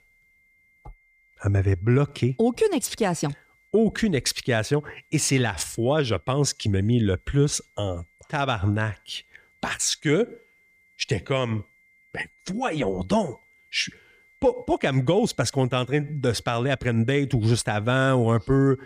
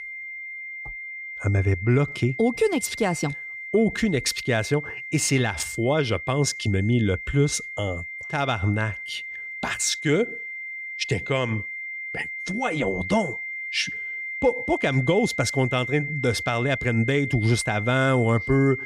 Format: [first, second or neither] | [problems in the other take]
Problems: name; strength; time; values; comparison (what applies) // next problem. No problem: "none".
first | high-pitched whine; loud; throughout; 2 kHz, 7 dB below the speech; faint in the first